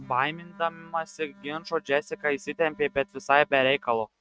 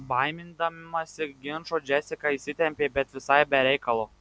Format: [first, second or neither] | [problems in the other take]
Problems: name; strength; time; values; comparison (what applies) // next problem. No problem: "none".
second | noise reduction (neural mask model RNNoise)